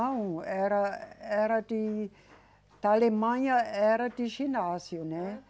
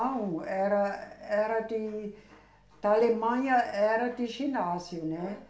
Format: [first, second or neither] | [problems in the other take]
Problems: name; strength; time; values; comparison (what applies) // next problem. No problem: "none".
first | room echo; dies away in 0.4 s